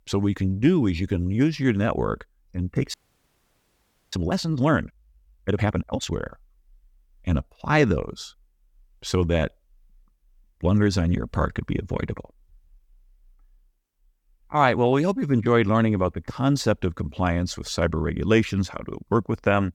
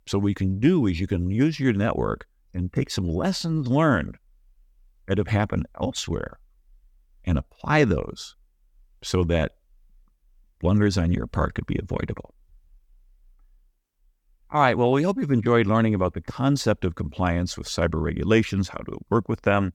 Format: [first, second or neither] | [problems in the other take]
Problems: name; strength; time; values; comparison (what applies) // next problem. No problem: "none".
second | audio freezing; at 3 s for 1 s